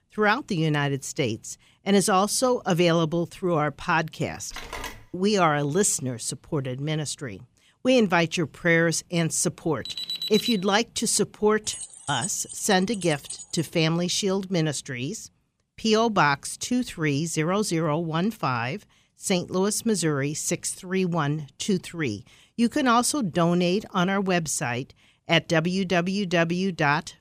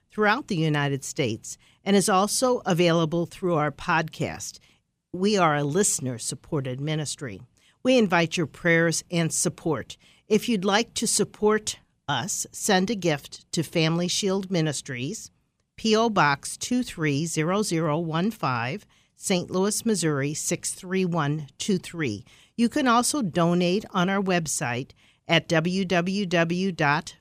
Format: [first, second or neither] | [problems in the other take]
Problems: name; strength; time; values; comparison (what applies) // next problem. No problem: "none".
second | phone ringing; faint; at 4.5 s; peak 10 dB below the speech // alarm; noticeable; at 10 s; peak 3 dB below the speech // jangling keys; noticeable; from 12 to 14 s; peak 9 dB below the speech